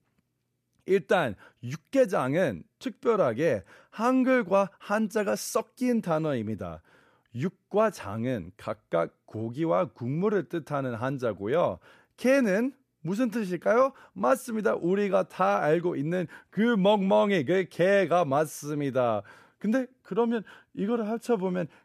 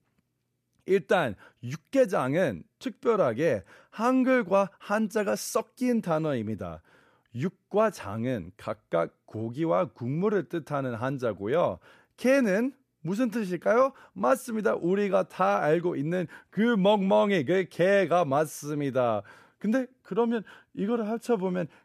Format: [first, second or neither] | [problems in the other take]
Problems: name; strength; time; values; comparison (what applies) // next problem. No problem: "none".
neither | none